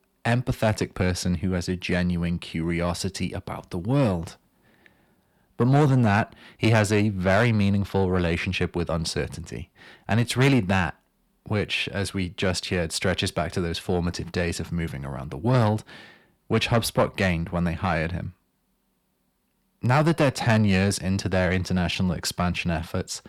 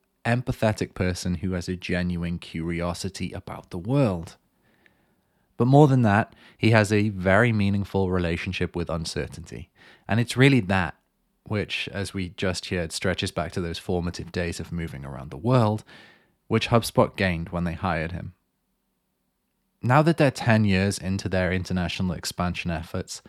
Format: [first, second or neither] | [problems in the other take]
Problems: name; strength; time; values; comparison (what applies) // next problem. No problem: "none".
second | distortion; slight; 10 dB below the speech